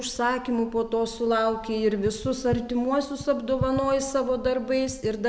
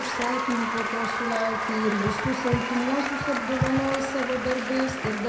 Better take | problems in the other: first | background sound (Applause); 2 dB below the speech // room echo; dies away in 0.5 s

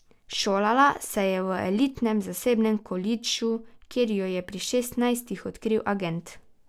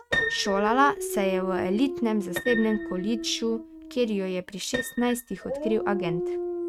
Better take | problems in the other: first | noise reduction (neural mask model RNNoise)

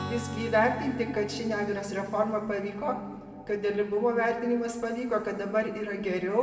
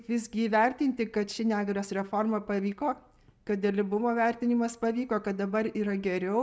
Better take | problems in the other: second | background sound (Strum); 15 dB below the speech // room echo; dies away in 2 s

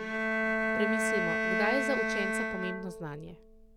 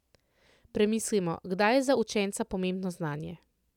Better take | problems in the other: second | background sound (Bowed string instrument); 5 dB above the speech

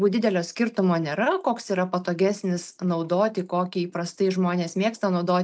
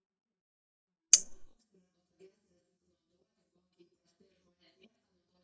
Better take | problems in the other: first | noise reduction (neural mask model DeepFilterNet 3)

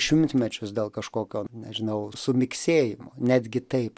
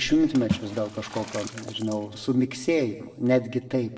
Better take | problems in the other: first | background sound (Water / Splash, splatter); 10 dB below the speech // room echo; dies away in 0.9 s

